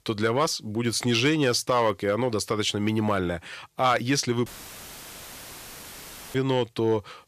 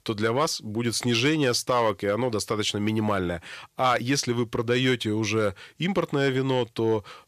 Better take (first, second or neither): second